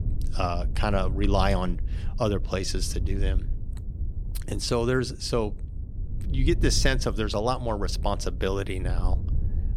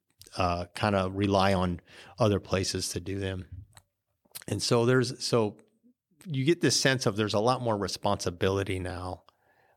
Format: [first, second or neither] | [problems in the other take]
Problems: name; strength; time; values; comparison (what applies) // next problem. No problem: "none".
second | wind noise on the microphone; occasional gusts; 20 dB below the speech